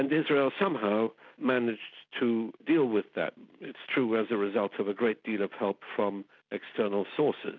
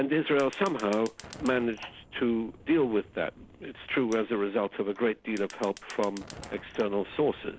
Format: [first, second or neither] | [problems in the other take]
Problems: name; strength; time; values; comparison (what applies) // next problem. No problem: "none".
first | background sound (Fire); 20 dB below the speech